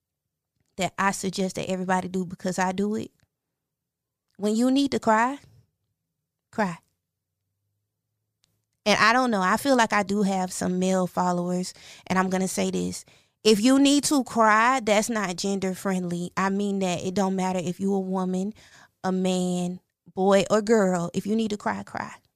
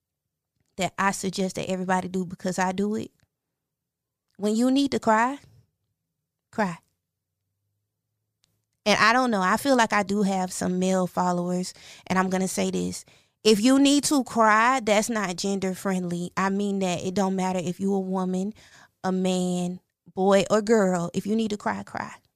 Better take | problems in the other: neither | none

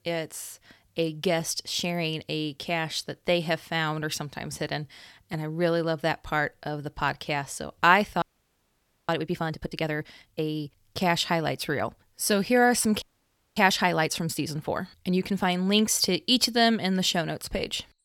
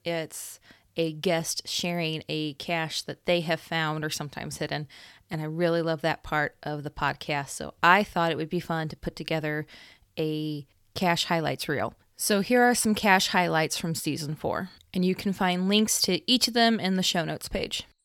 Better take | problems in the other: second | audio freezing; at 8 s for 1 s and at 13 s for 0.5 s

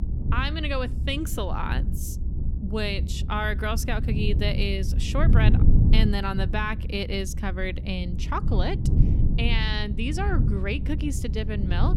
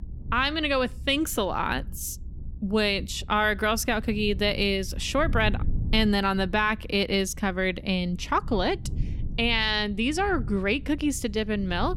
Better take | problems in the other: second | low rumble; loud; throughout; 9 dB below the speech; faint in the second

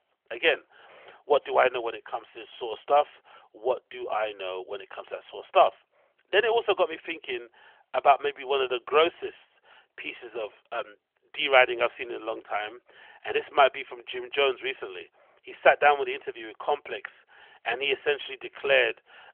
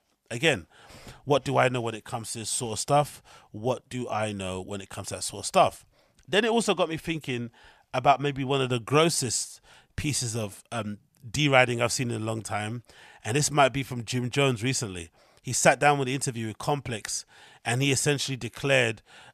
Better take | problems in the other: second | phone-call audio; nothing above 3.5 kHz

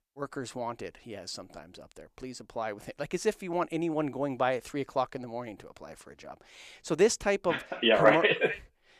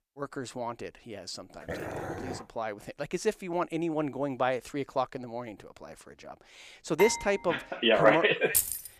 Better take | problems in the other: first | dog barking; noticeable; at 1.5 s; peak 7 dB below the speech // clattering dishes; noticeable; at 7 s; peak 4 dB below the speech // jangling keys; loud; at 8.5 s; peak 3 dB above the speech

